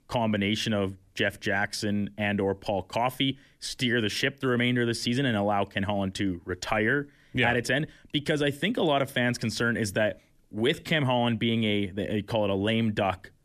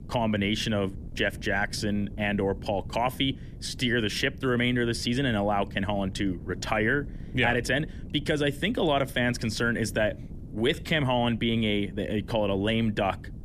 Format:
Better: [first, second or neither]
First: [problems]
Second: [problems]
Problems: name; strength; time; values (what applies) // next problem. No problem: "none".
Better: first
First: none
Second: wind noise on the microphone; occasional gusts; 25 dB below the speech